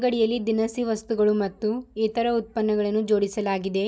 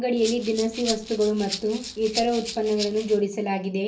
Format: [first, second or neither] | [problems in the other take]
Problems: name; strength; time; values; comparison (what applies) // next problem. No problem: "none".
first | background sound (Rattle (instrument)); 11 dB below the speech // room echo; dies away in 0.3 s